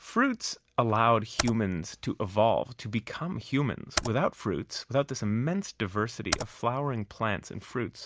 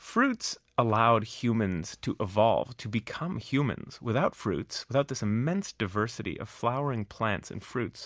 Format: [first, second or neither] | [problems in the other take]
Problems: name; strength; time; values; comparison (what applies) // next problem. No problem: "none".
second | background sound (Computer keyboard); 9 dB below the speech